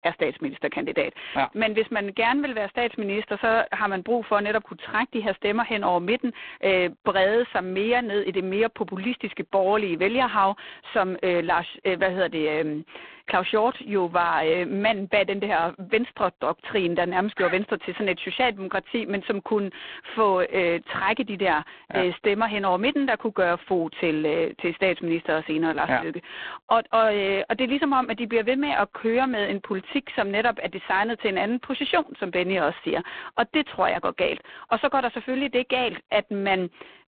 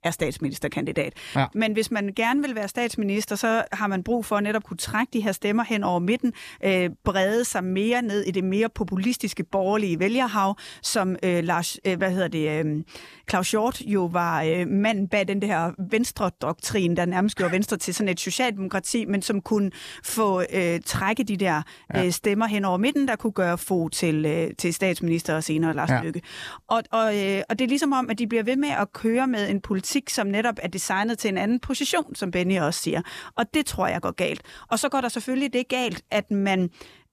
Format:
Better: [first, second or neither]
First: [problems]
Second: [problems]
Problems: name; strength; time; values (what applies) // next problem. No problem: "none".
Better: second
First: phone-call audio; poor line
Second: none